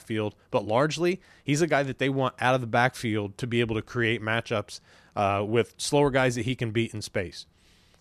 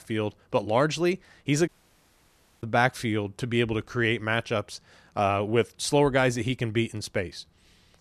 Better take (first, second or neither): first